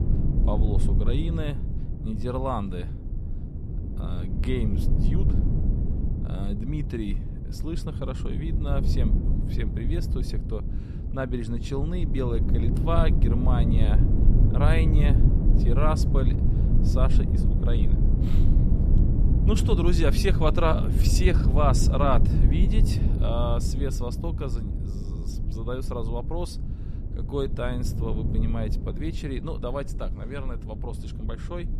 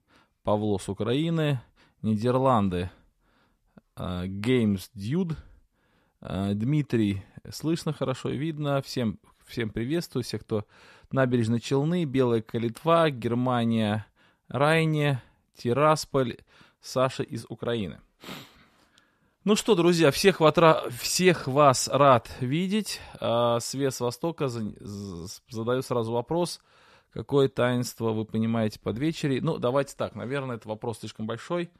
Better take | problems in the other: second | low rumble; loud; throughout; 6 dB below the speech

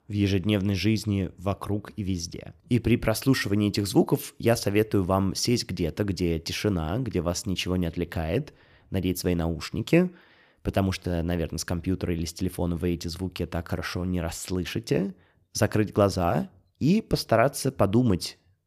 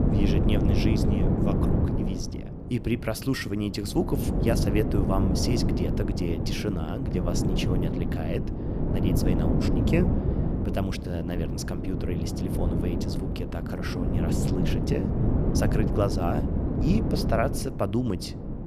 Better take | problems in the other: first | wind noise on the microphone; heavy; 1 dB below the speech

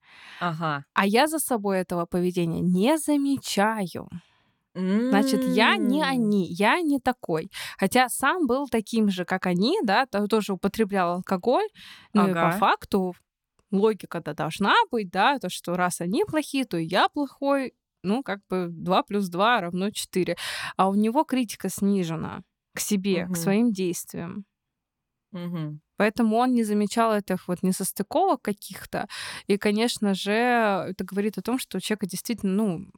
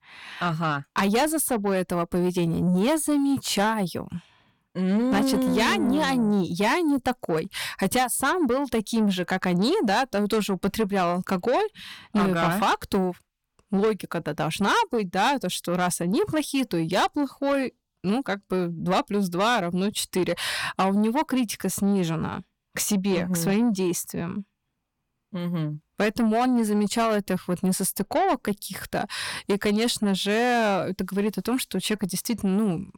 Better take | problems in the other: first | distortion; slight; 10 dB below the speech

